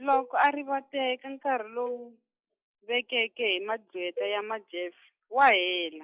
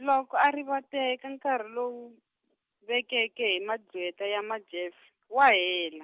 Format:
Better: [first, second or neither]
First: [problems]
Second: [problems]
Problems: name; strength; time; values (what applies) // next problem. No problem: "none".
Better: second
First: noise reduction (classical method log-MMSE)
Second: none